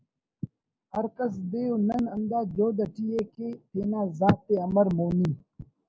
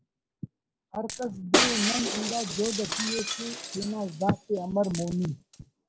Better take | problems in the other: first | background sound (Coin (dropping) + Shatter); 1 dB below the speech

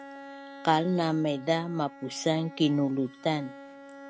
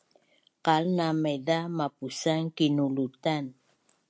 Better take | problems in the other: second | background sound (Bowed string instrument); 17 dB below the speech

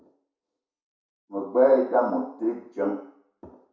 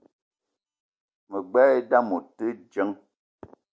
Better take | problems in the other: second | room echo; dies away in 0.6 s

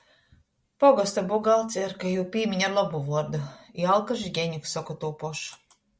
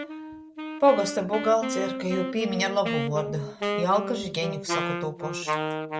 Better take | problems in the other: first | background sound (Wind instrument, woodwind instrument); 4 dB below the speech

